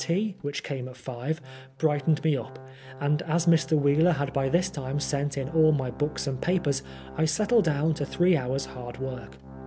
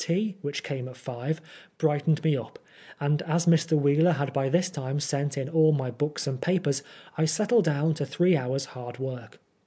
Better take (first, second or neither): second